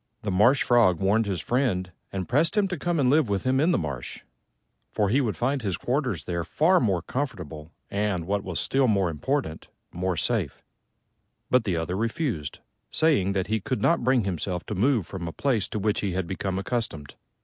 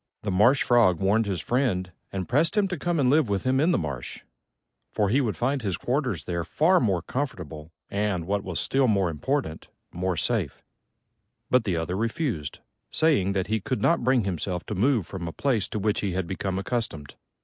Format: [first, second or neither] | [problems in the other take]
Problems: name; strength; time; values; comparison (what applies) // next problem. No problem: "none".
first | noise reduction (neural mask model Resemble Enhance denoiser)